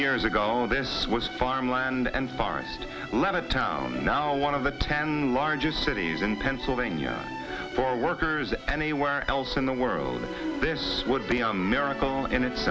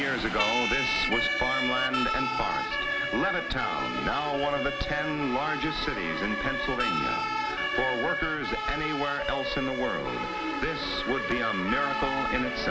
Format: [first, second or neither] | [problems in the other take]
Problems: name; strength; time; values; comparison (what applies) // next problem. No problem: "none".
first | background sound (Siren); as loud as the speech